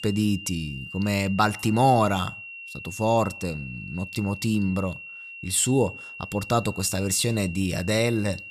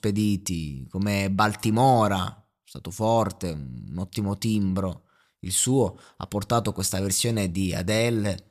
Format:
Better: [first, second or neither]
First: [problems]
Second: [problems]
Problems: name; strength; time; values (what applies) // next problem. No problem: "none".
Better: second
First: high-pitched whine; noticeable; throughout; 2.5 kHz, 15 dB below the speech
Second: none